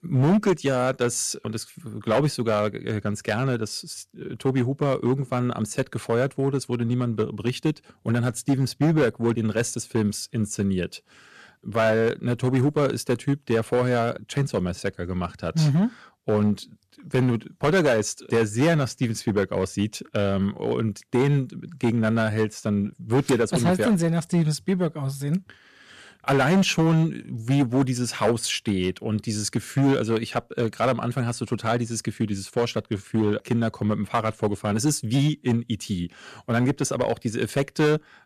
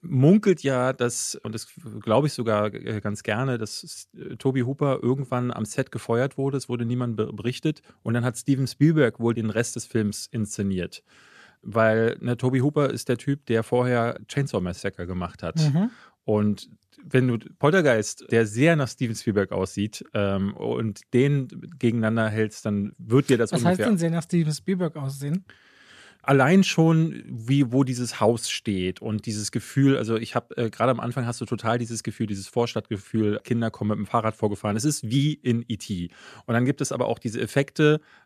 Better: second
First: distortion; slight; 5% of the sound clipped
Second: none

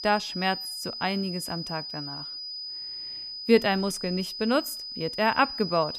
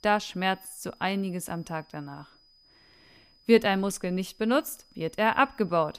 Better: second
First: high-pitched whine; loud; throughout; 5 kHz, 7 dB below the speech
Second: high-pitched whine; faint; throughout; 5 kHz, 30 dB below the speech

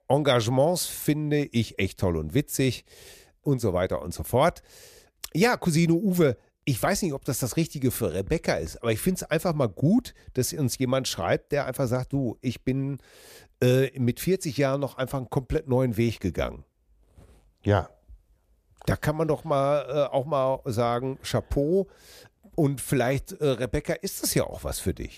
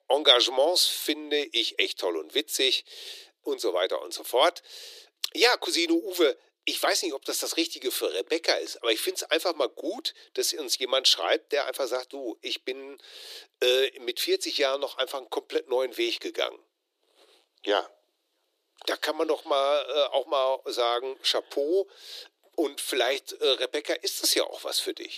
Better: first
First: none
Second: thin; very; fading below 300 Hz

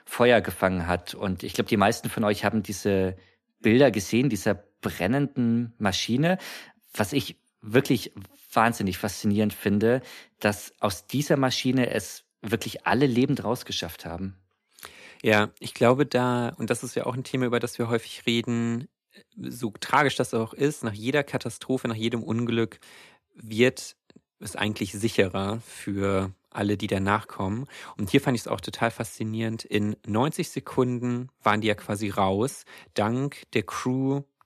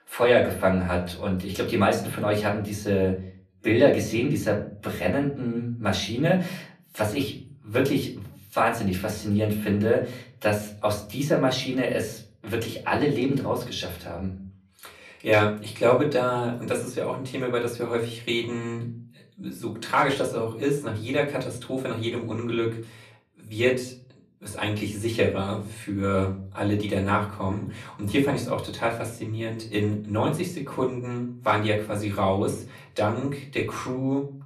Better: first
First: none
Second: off-mic speech; far // room echo; very slight; dies away in 0.5 s

